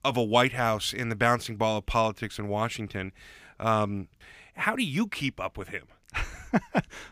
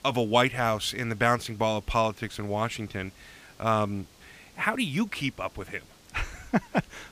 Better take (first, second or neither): first